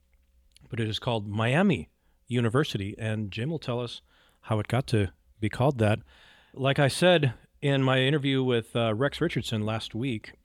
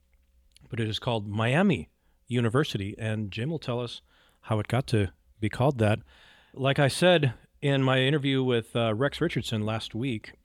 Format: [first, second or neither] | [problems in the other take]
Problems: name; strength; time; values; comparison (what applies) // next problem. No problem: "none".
neither | none